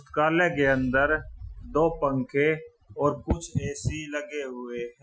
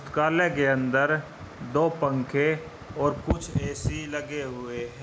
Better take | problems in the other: second | noise reduction (classical method Wiener filter)

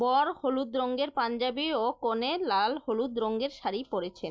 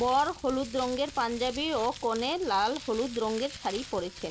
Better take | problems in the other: first | background sound (Crumpling, crinkling); 15 dB below the speech

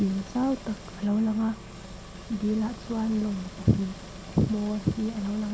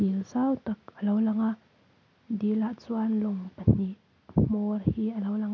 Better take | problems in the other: second | background sound (Engine); 14 dB below the speech

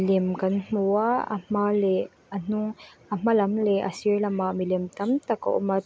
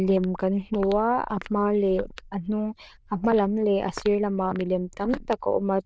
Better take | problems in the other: first | noise reduction (neural diffusion model UNIVERSE++)

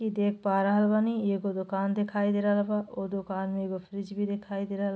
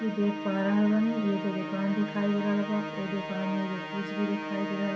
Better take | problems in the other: first | background sound (Musical instrument); 7 dB below the speech // room echo; dies away in 0.5 s

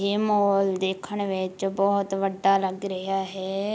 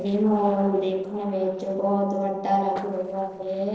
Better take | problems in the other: first | noise reduction (neural separator model SepFormer DNS4)

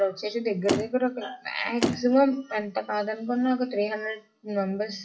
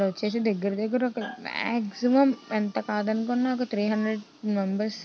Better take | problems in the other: second | noise reduction (classical method WPE with log-MMSE)

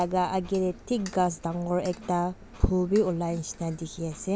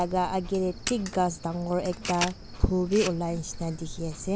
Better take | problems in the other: first | background sound (Cricket + Camera); 10 dB below the speech

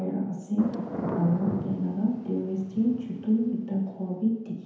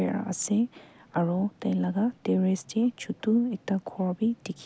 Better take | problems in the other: second | background sound (Thunder / Rain); 9 dB below the speech // room echo; dies away in 1 s

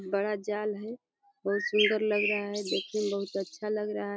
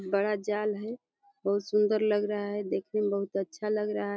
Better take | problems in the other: second | background sound (Bird); 4 dB below the speech

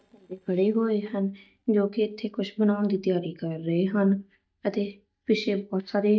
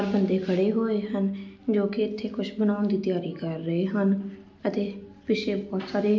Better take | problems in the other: second | noise reduction (neural mask model DeepFilterNet 3)

